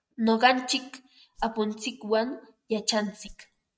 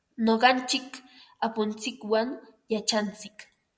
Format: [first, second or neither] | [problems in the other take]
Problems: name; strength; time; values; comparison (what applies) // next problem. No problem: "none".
second | noise reduction (neural mask model RNNoise)